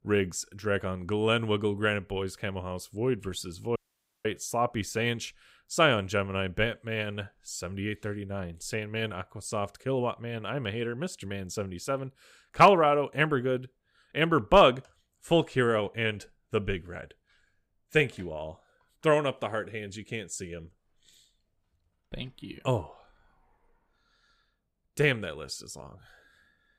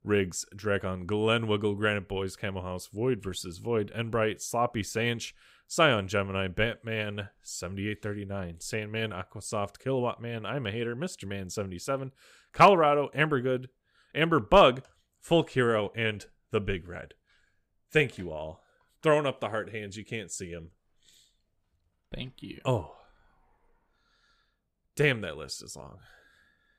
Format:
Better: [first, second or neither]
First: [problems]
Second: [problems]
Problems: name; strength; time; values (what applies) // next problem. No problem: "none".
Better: second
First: audio cutting out; at 4 s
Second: none